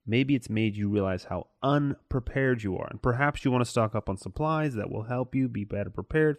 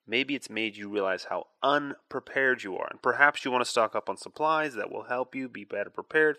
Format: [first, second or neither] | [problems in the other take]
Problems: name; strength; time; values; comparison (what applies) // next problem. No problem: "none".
first | thin; very; fading below 450 Hz